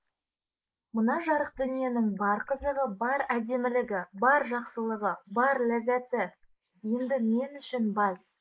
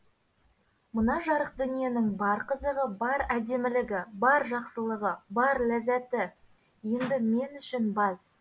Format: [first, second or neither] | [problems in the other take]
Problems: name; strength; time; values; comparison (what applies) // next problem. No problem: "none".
second | noise reduction (neural mask model Resemble Enhance denoiser)